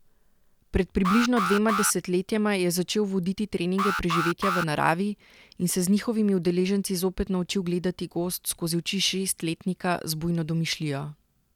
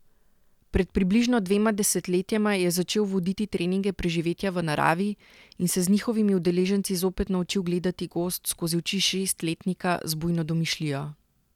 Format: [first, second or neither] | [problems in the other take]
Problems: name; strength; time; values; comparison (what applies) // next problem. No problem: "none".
second | background sound (Alarm); 4 dB below the speech